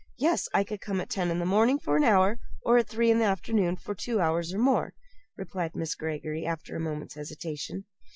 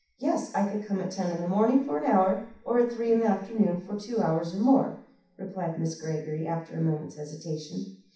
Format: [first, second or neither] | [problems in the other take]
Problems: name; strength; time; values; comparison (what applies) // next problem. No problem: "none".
first | room echo; dies away in 0.7 s